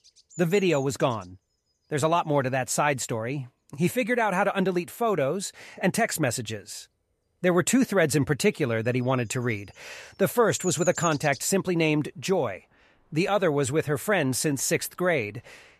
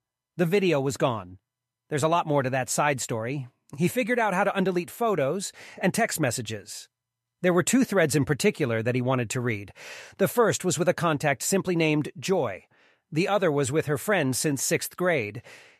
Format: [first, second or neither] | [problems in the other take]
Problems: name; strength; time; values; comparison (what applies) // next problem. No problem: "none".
second | animal sounds; noticeable; throughout; 15 dB below the speech